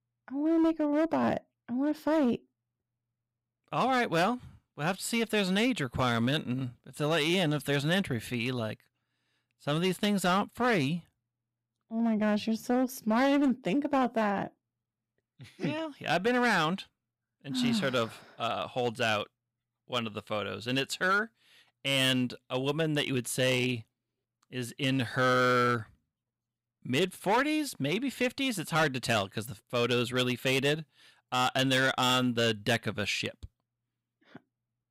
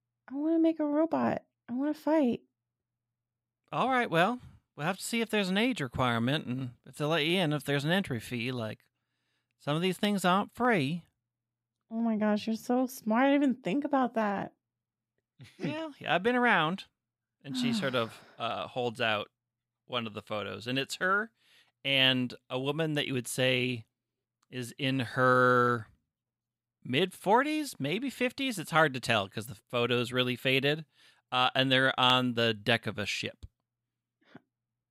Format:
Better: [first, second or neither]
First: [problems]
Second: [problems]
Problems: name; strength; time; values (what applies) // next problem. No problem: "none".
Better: second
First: distortion; slight; 5% of the sound clipped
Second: none